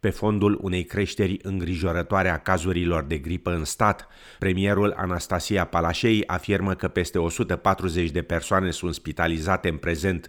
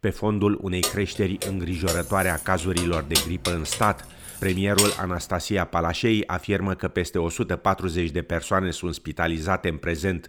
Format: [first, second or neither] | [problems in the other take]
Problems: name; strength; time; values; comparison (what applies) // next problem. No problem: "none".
first | jangling keys; loud; from 1 to 5 s; peak 3 dB above the speech